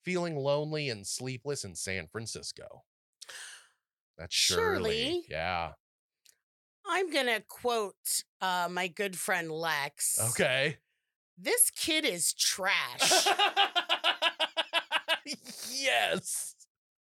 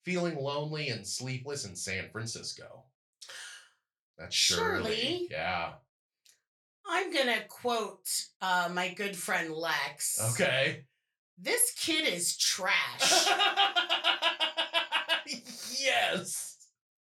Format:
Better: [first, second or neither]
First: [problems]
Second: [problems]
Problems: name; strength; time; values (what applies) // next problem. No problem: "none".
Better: first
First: none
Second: room echo; very slight; dies away in 0.2 s // off-mic speech; somewhat distant